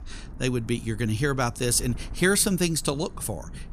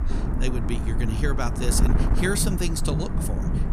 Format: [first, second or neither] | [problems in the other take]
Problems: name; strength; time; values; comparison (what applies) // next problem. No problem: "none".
first | wind noise on the microphone; heavy; 5 dB below the speech; occasional gusts in the first